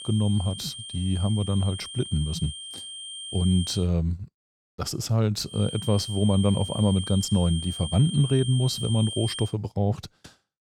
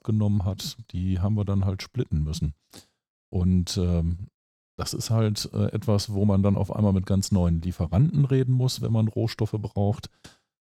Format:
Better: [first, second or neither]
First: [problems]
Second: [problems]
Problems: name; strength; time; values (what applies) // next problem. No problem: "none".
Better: second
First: high-pitched whine; loud; until 4 s and from 5.5 to 9.5 s; 3 kHz, 9 dB below the speech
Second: none